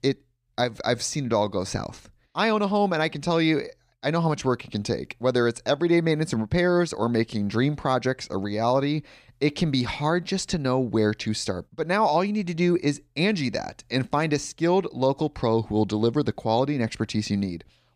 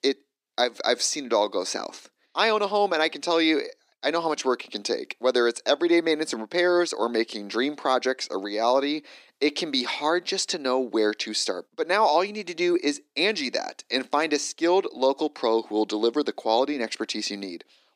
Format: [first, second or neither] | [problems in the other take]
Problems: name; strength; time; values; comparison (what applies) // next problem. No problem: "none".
first | thin; somewhat; fading below 300 Hz